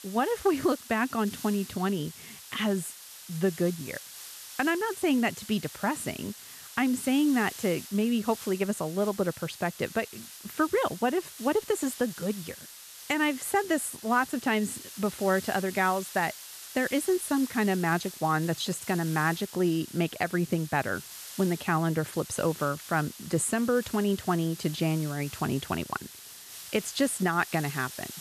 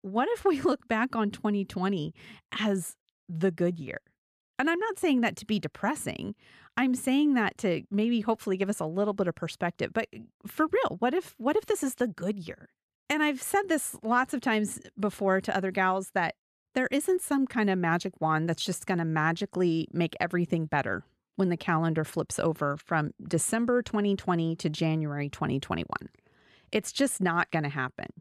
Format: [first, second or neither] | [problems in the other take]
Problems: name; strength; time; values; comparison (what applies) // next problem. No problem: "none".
second | hiss; noticeable; throughout; 15 dB below the speech